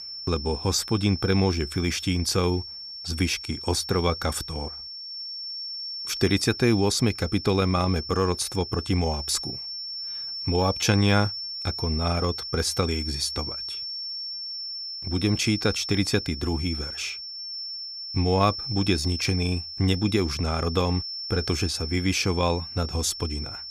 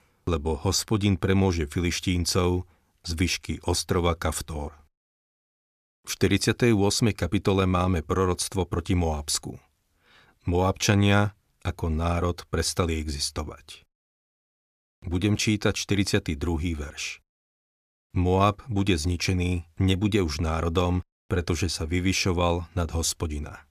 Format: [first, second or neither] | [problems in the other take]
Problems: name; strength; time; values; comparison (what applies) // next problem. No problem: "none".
second | high-pitched whine; loud; throughout; 5.5 kHz, 7 dB below the speech